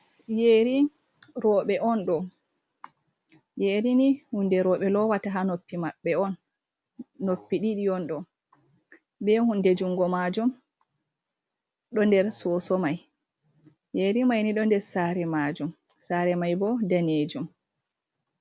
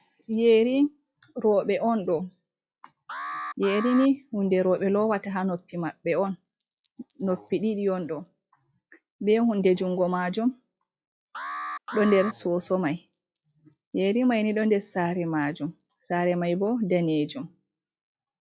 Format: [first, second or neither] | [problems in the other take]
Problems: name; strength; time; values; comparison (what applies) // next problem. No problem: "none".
first | noise reduction (classical method log-MMSE)